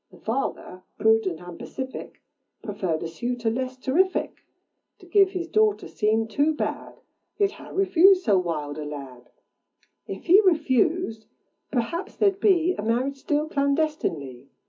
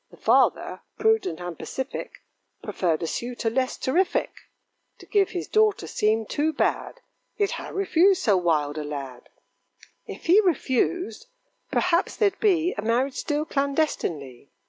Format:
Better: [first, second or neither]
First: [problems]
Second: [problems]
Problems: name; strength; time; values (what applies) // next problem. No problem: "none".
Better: second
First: room echo; dies away in 0.4 s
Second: none